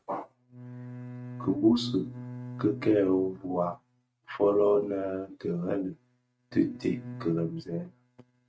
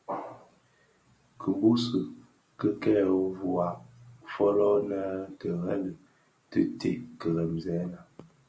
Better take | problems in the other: second | noise reduction (neural mask model RNNoise)

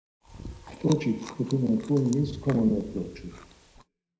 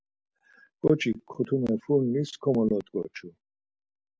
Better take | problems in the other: second | background sound (Chewing, mastication); 15 dB below the speech // room echo; dies away in 0.8 s

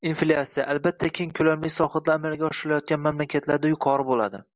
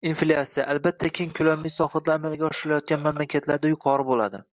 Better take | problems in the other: first | noise reduction (neural mask model DeepFilterNet 3)

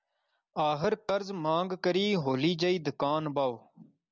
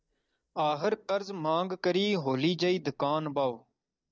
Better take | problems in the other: first | noise reduction (neural mask model DeepFilterNet 3)

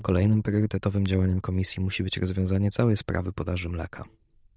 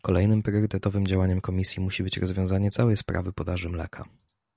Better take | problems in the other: second | noise reduction (neural diffusion model UNIVERSE++)

